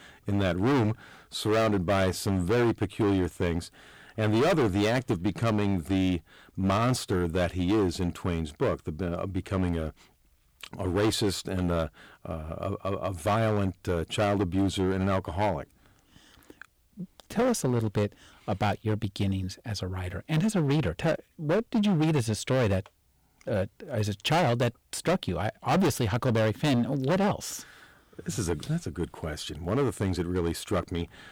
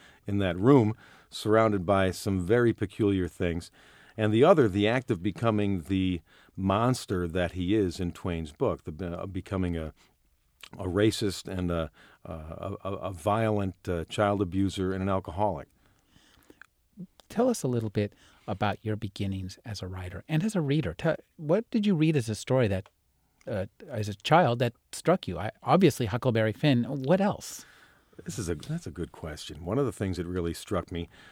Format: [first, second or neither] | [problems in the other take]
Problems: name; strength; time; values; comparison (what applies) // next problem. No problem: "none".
second | distortion; heavy; 10% of the sound clipped